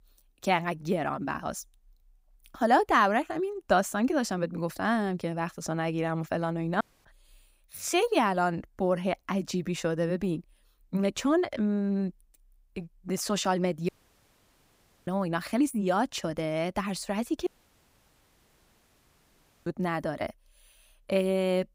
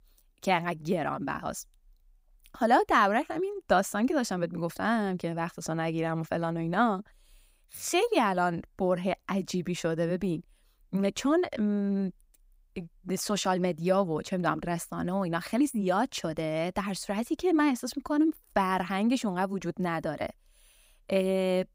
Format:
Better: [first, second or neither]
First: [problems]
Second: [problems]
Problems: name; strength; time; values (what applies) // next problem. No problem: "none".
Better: second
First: audio cutting out; at 7 s, at 14 s for 1 s and at 17 s for 2 s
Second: none